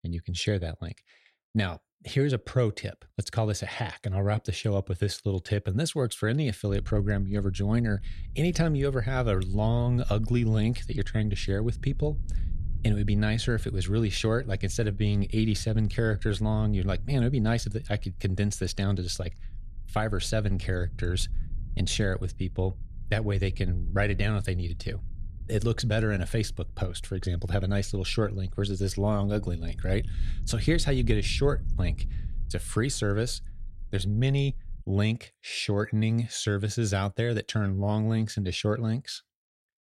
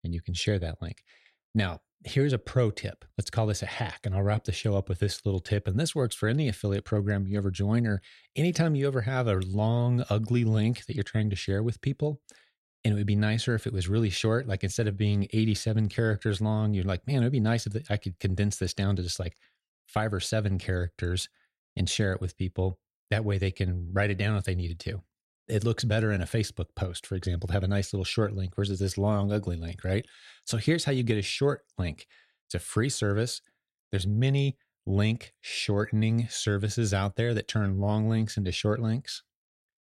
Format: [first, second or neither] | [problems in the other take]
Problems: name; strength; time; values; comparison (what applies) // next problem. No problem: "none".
second | low rumble; faint; from 6.5 to 35 s; 25 dB below the speech